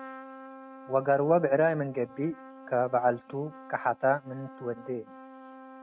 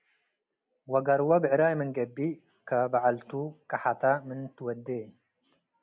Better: second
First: noise reduction (neural mask model RNNoise)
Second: none

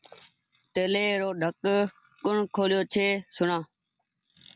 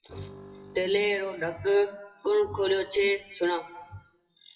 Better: first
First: none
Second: noise reduction (classical method WPE with log-MMSE)

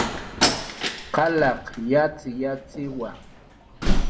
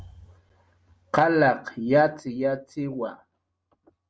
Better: second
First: background sound (Slam); as loud as the speech // room echo; dies away in 1.8 s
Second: none

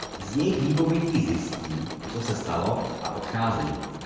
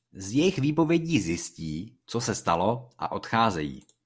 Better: second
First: background sound (Mechanisms); 10 dB below the speech // room echo; dies away in 1.2 s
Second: none

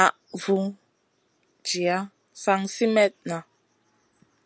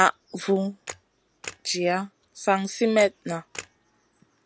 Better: first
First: none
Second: background sound (Camera); 18 dB below the speech

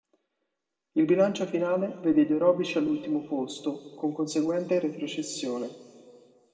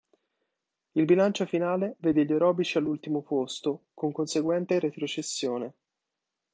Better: second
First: room echo; dies away in 1.5 s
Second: none

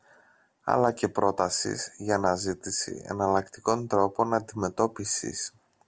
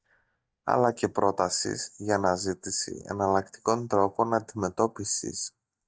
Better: first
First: none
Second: noise reduction (neural mask model DeepFilterNet 3)

